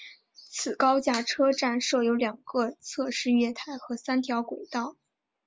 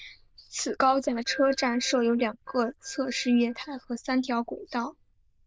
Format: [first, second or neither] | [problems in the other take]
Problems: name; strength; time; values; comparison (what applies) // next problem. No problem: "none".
first | noise reduction (neural diffusion model UNIVERSE++)